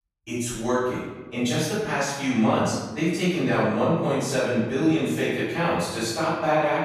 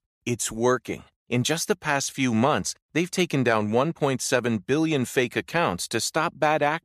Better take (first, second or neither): second